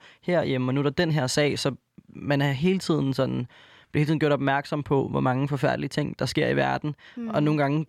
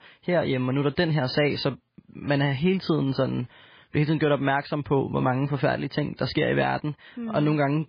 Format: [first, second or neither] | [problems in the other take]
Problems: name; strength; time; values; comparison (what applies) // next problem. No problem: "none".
first | garbled, watery; badly; nothing above 5 kHz